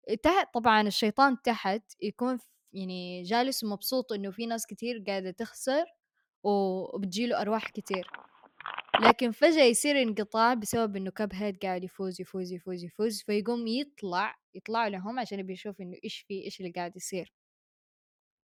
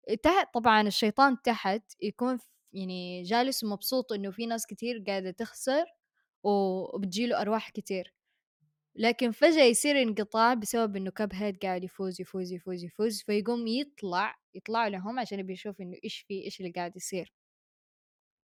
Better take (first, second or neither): second